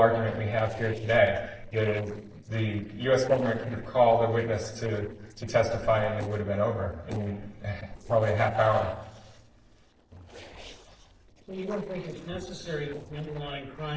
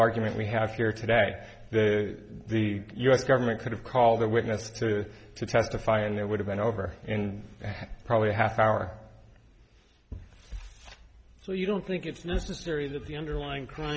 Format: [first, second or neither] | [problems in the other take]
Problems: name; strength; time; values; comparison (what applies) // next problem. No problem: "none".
second | noise reduction (neural separator model SepFormer DNS4)